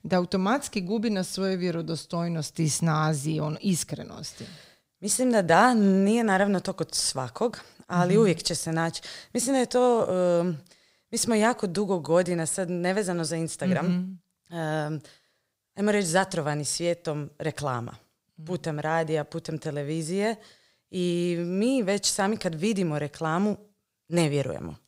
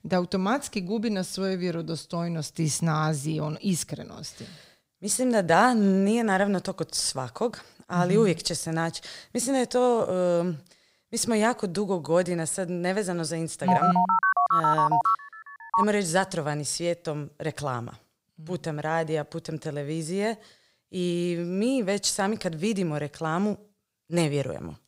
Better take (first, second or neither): first